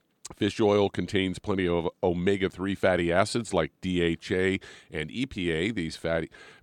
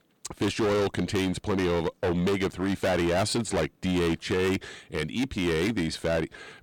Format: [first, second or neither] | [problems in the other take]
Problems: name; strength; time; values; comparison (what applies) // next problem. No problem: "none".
first | distortion; heavy; 19% of the sound clipped